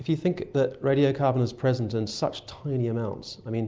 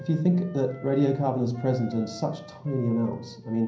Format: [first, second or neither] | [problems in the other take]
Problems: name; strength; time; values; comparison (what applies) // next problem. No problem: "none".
first | background sound (Wind instrument, woodwind instrument); 19 dB below the speech // room echo; dies away in 0.6 s